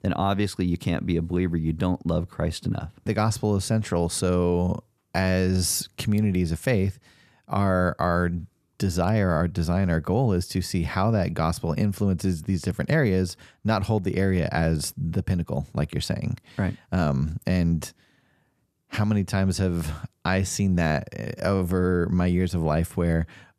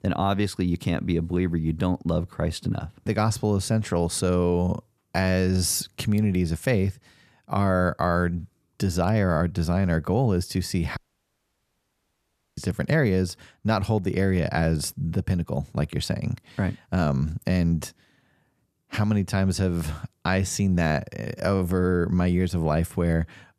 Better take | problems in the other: first | audio cutting out; at 11 s for 1.5 s

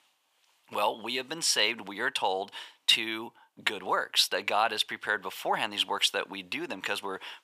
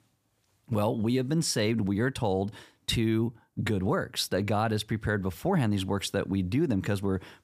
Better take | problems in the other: second | thin; very; fading below 650 Hz

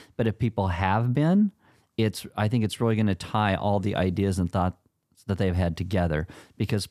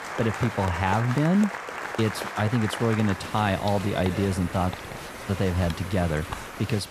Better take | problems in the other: first | crowd noise; loud; throughout; 8 dB below the speech

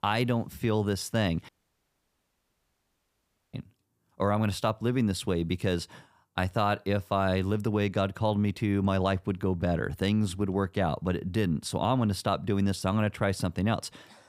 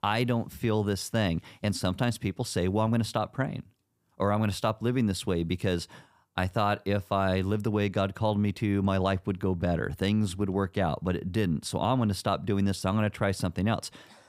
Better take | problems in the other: second | audio cutting out; at 1.5 s for 2 s

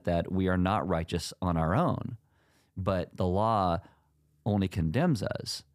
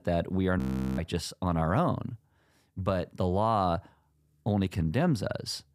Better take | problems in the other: first | audio freezing; at 0.5 s

